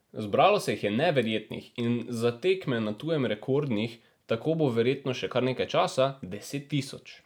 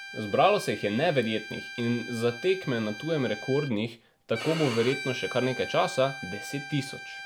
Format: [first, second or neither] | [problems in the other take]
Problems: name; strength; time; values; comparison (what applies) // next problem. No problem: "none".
first | background sound (Bowed string instrument); 11 dB below the speech